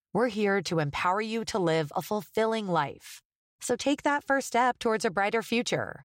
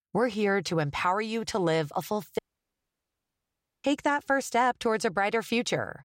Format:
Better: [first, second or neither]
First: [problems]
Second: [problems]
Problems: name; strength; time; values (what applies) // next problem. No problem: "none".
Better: first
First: none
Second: audio cutting out; at 2.5 s for 1.5 s